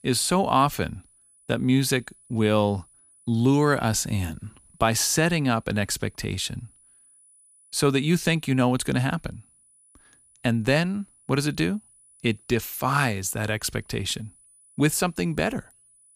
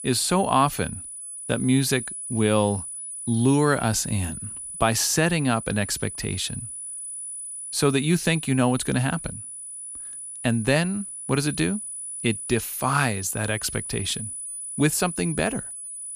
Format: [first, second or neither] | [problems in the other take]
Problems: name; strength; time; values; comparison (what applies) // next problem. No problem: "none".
first | high-pitched whine; loud; throughout; 10 kHz, 8 dB below the speech; faint in the first